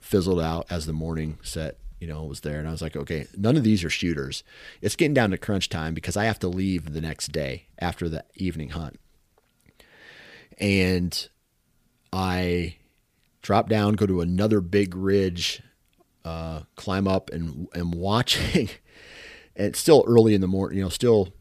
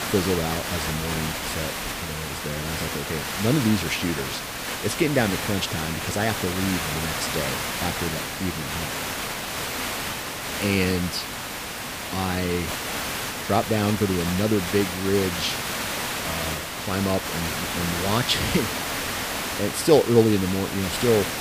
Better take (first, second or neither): first